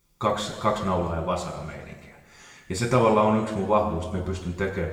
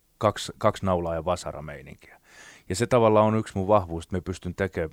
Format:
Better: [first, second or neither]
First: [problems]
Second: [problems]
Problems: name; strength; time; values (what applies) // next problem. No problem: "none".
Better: second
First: room echo; noticeable; dies away in 1.3 s // off-mic speech; somewhat distant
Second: none